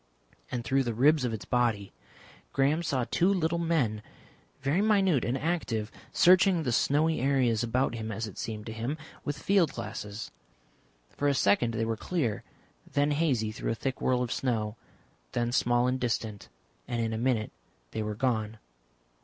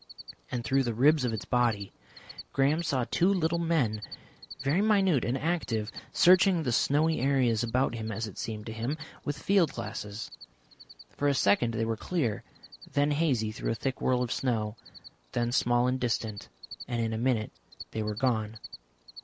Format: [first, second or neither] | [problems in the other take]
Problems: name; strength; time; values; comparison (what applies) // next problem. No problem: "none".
first | background sound (Cricket); 19 dB below the speech